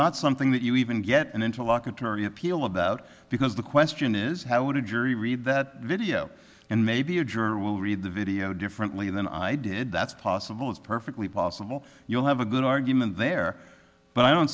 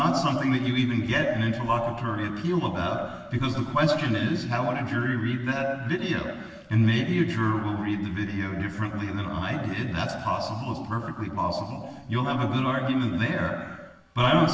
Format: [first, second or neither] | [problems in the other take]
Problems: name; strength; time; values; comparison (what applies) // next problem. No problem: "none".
first | room echo; dies away in 1.4 s